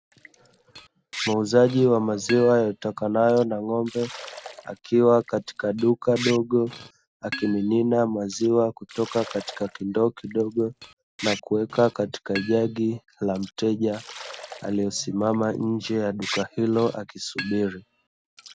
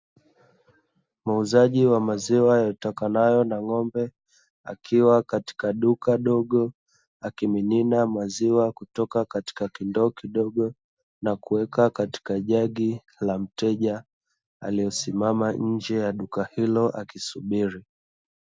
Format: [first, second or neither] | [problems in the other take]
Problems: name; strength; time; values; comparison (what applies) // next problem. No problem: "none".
second | background sound (Liquid); 16 dB below the speech